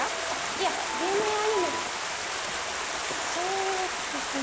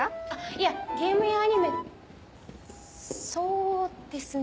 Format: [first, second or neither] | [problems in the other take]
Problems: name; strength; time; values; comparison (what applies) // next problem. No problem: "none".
second | background sound (Stream); 1 dB above the speech